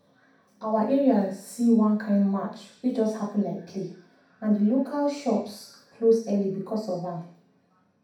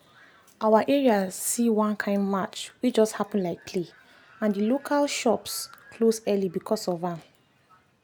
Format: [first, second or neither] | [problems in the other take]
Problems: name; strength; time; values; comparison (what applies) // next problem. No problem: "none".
second | room echo; dies away in 0.6 s